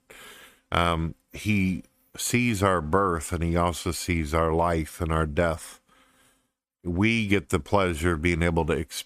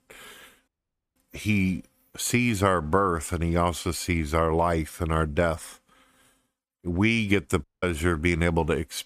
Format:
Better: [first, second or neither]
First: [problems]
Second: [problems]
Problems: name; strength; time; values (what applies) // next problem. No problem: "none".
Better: first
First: none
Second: audio cutting out; at 0.5 s and at 7.5 s